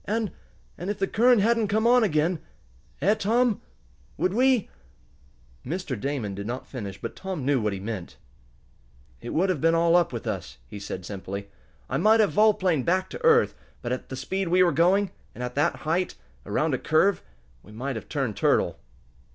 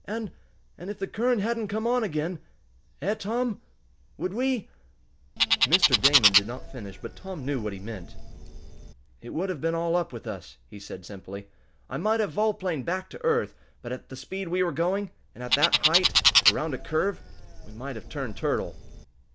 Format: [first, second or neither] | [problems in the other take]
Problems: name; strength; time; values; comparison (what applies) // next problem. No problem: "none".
first | background sound (Bird); 3 dB above the speech